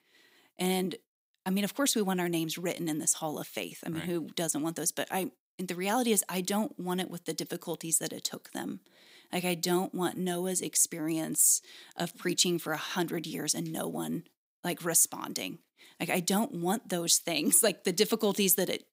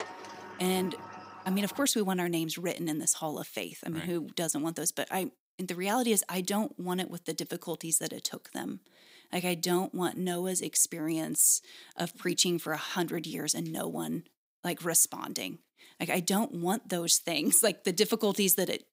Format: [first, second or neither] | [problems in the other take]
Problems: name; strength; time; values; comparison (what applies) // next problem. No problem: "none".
first | door banging; faint; until 2 s; peak 10 dB below the speech